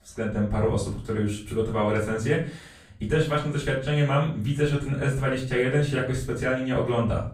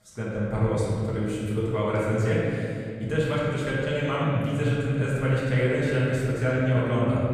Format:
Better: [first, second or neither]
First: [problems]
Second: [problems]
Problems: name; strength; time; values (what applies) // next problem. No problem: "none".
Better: first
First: room echo; slight; dies away in 0.4 s // off-mic speech; far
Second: room echo; strong; dies away in 2.6 s // off-mic speech; far